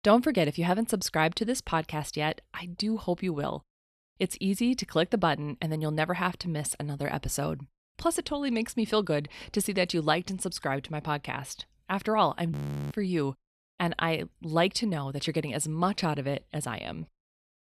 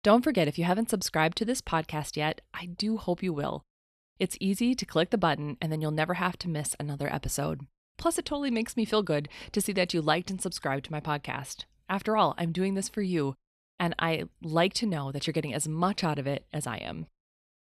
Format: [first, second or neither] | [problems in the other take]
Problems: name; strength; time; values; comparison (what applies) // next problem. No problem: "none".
second | audio freezing; at 13 s